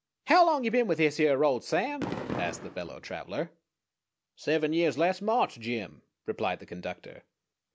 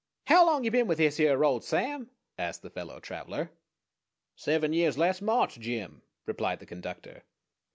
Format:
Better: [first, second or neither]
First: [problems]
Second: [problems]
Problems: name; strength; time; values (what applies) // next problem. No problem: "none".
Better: second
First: background sound (Fireworks); 8 dB below the speech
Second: none